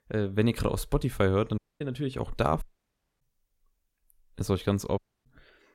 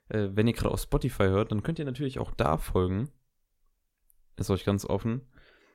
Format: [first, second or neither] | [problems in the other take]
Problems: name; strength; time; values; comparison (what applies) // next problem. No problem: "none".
second | audio cutting out; at 1.5 s, at 2.5 s for 0.5 s and at 5 s